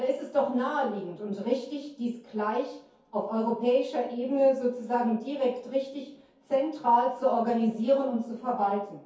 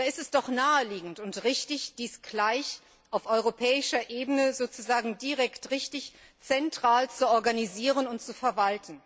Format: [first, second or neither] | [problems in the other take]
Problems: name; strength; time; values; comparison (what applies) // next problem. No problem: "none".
second | room echo; dies away in 0.6 s